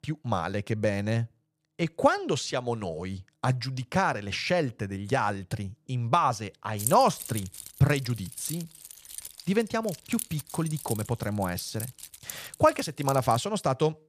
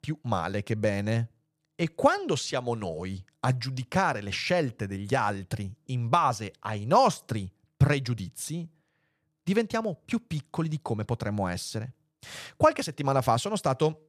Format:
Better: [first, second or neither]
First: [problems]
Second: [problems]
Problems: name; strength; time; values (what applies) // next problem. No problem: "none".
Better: second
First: jangling keys; noticeable; from 7 to 13 s; peak 3 dB below the speech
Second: none